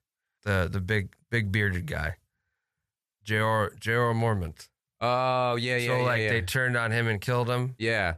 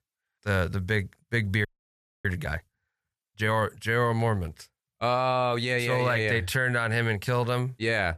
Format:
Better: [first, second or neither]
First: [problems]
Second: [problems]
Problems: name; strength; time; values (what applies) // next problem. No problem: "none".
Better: first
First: none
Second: audio freezing; at 1.5 s for 0.5 s